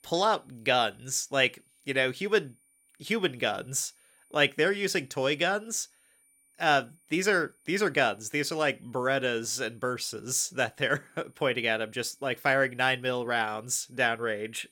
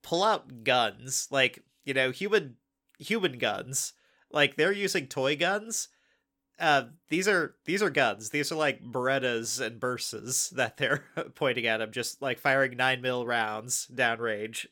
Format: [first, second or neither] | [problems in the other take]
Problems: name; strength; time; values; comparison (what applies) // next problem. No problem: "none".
second | high-pitched whine; faint; throughout; 9.5 kHz, 35 dB below the speech